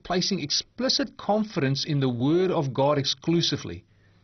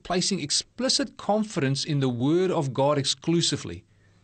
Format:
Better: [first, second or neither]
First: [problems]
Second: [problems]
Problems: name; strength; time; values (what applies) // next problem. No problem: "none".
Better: second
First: garbled, watery; badly; nothing above 6 kHz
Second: garbled, watery; slightly; nothing above 8.5 kHz